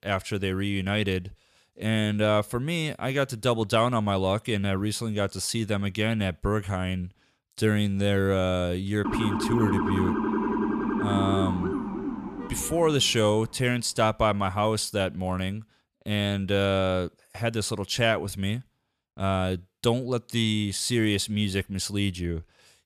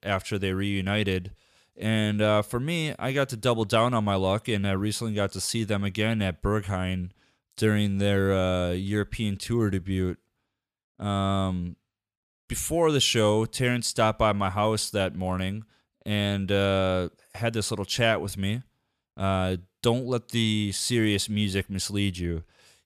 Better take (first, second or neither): second